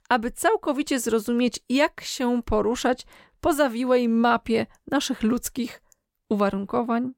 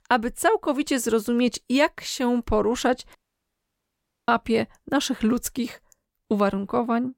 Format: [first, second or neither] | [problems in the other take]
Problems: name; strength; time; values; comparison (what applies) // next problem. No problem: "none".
first | audio cutting out; at 3 s for 1 s